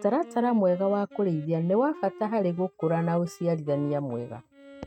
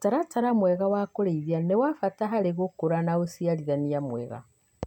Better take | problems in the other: second | noise reduction (neural mask model RNNoise)

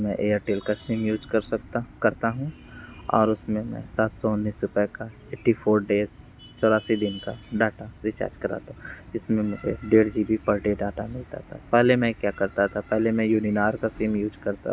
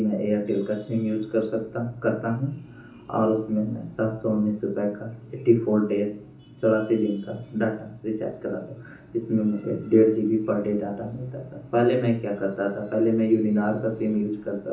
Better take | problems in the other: first | room echo; dies away in 0.7 s

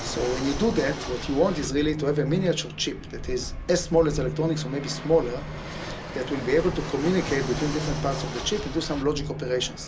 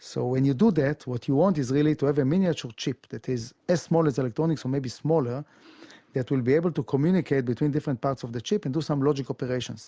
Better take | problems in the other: second | background sound (Fixed-wing aircraft, airplane); 8 dB below the speech // room echo; dies away in 0.2 s

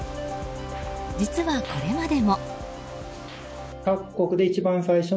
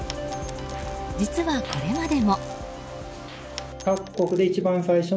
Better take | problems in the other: first | background sound (Coin (dropping) + Bowed string instrument); 18 dB below the speech

